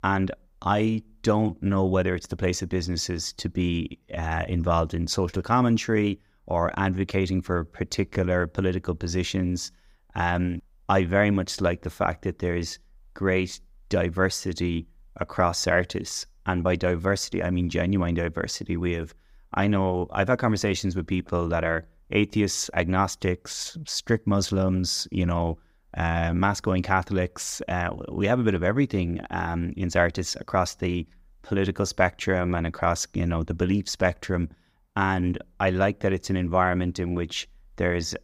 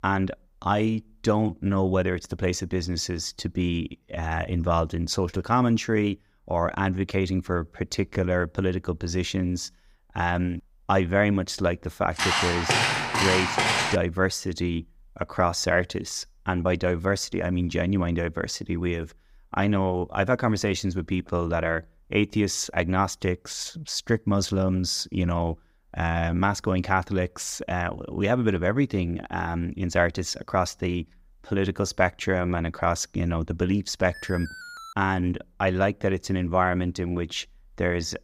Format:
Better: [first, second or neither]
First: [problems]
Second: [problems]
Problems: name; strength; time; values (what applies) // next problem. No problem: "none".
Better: first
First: none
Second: footsteps; loud; from 12 to 14 s; peak 4 dB above the speech // alarm; faint; at 34 s; peak 15 dB below the speech